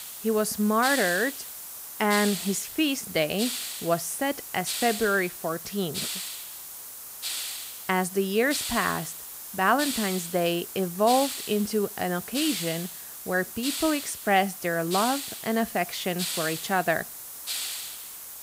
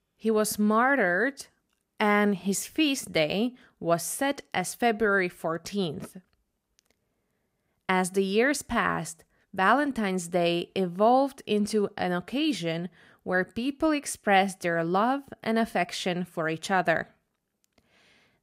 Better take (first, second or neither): second